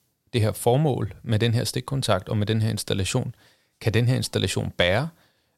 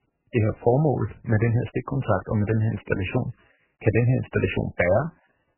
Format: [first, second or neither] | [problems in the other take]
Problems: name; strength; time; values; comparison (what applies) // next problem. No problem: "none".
first | garbled, watery; badly; nothing above 3 kHz